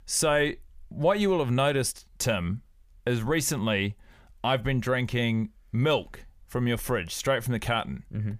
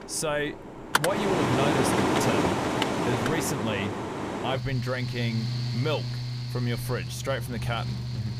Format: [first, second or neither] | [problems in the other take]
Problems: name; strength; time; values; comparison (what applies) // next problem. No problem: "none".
first | machinery noise; very loud; throughout; 3 dB above the speech